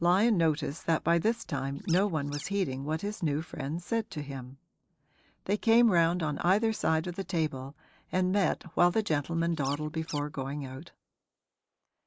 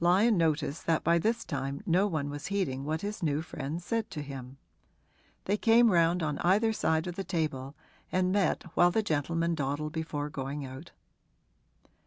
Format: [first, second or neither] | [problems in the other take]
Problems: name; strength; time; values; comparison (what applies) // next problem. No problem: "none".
second | noise reduction (neural mask model Resemble Enhance denoiser)